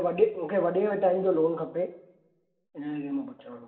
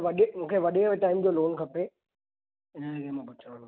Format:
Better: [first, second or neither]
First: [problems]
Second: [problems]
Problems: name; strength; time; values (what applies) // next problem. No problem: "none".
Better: second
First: room echo; dies away in 0.7 s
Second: none